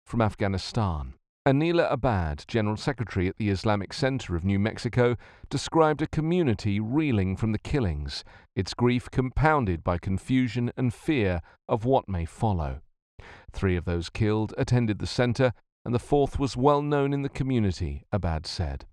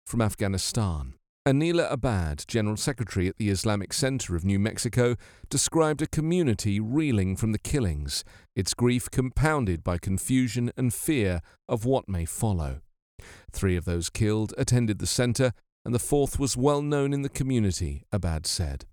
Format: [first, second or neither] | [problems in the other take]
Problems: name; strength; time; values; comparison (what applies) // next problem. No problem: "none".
second | muffled; slightly; fading above 3.5 kHz